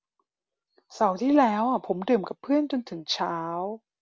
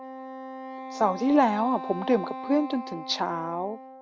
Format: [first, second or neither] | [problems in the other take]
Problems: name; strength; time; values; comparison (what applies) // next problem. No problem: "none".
first | background sound (Wind instrument, woodwind instrument); 11 dB below the speech